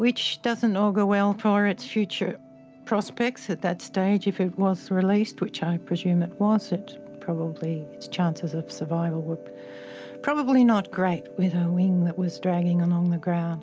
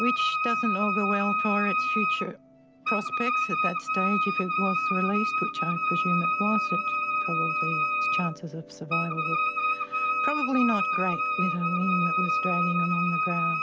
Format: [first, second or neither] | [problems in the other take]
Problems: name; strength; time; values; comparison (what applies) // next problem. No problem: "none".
first | background sound (Wind instrument, woodwind instrument); 4 dB above the speech